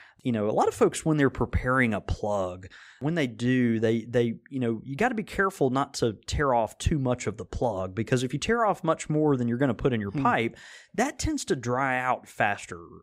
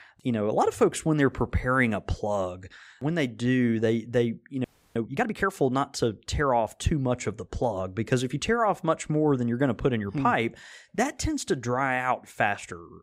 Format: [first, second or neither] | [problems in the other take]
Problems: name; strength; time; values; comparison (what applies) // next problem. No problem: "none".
first | audio freezing; at 4.5 s